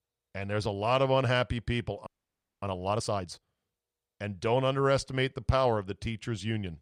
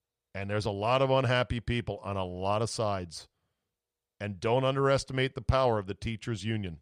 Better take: second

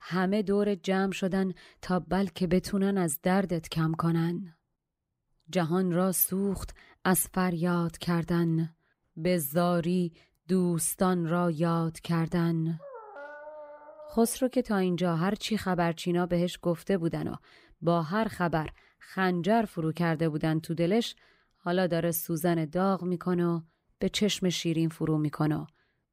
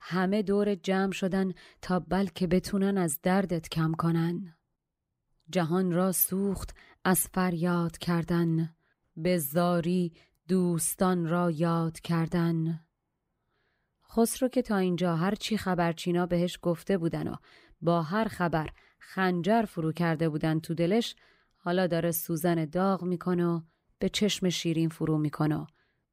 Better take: second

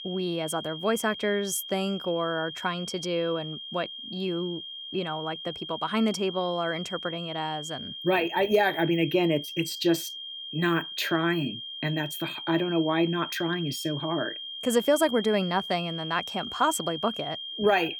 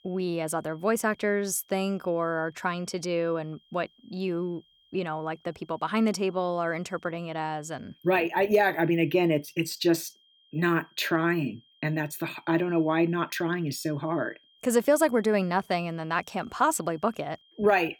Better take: second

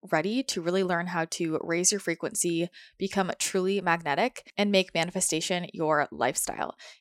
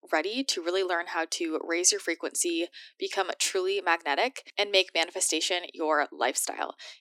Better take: first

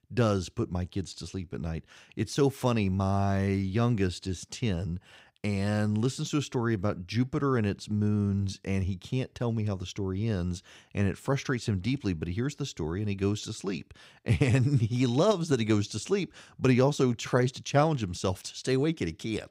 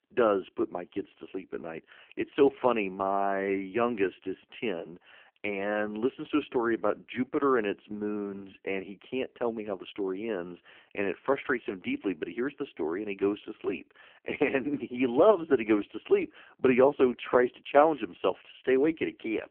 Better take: first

